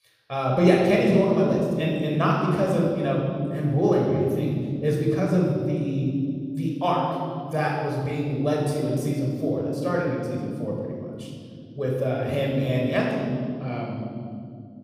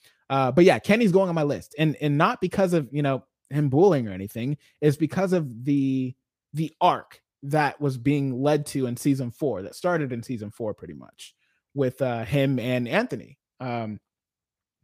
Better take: second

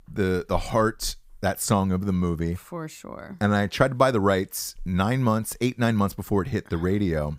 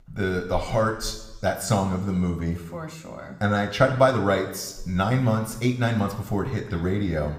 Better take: first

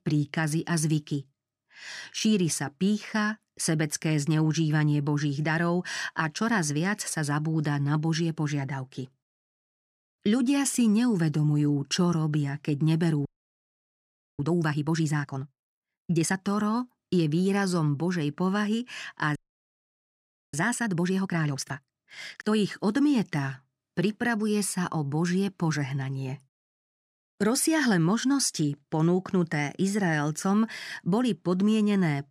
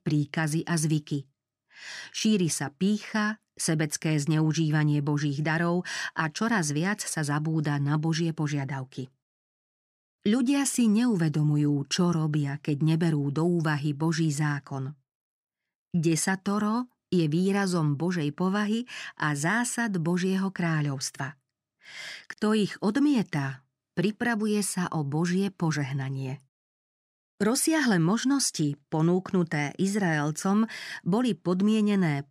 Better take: second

